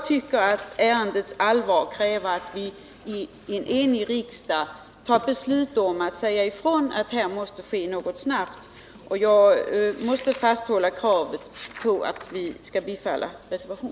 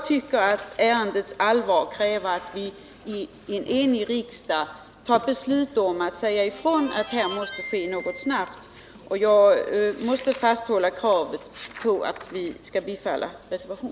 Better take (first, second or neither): first